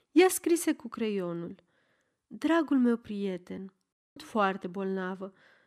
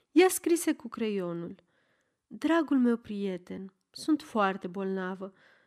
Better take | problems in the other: second | audio cutting out; at 4 s

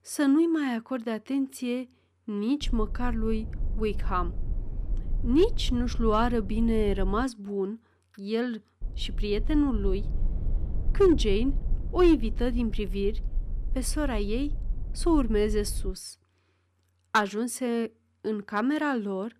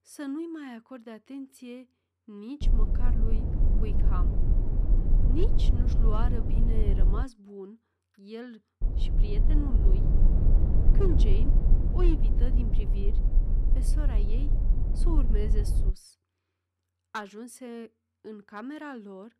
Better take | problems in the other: first | low rumble; loud; from 2.5 to 7 s and from 9 to 16 s; 2 dB below the speech; faint in the first

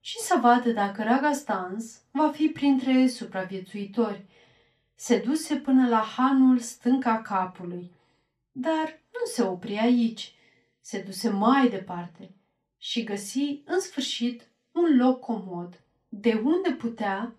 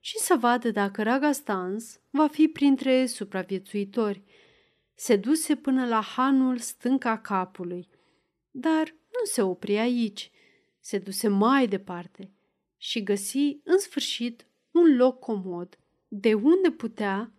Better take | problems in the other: second | room echo; slight; dies away in 0.2 s // off-mic speech; far

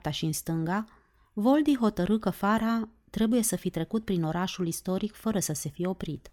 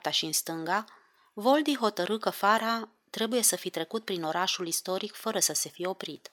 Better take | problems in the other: first | thin; somewhat; fading below 500 Hz

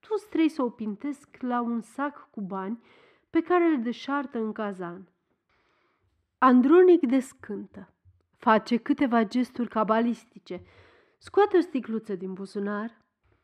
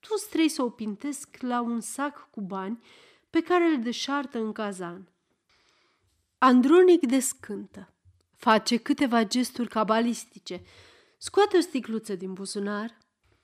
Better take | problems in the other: second | muffled; slightly; fading above 3.5 kHz

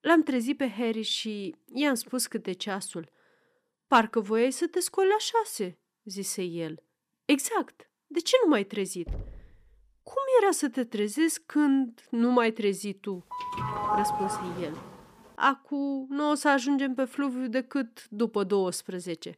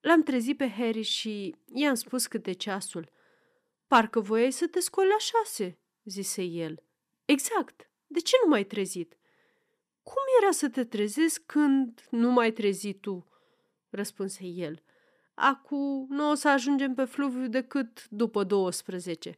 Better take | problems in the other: second | door banging; faint; at 9 s; peak 10 dB below the speech // doorbell; loud; from 13 to 15 s; peak level with the speech

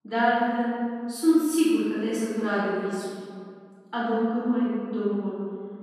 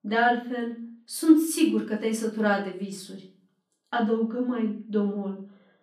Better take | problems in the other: second | room echo; strong; dies away in 1.9 s; slight in the second // off-mic speech; far; far in the second

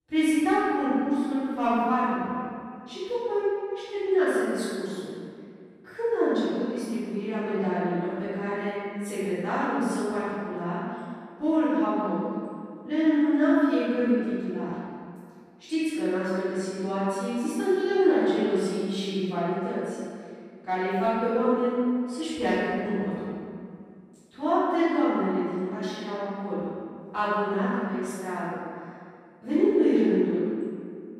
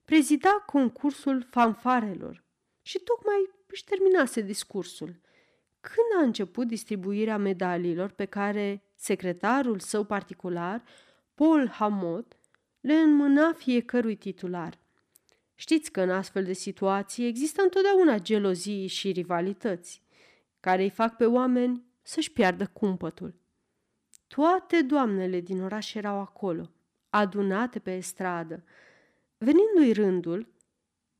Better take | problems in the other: second | off-mic speech; far // room echo; strong; dies away in 2 s

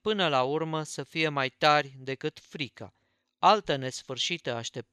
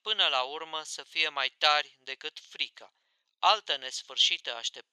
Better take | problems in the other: first | thin; very; fading below 800 Hz

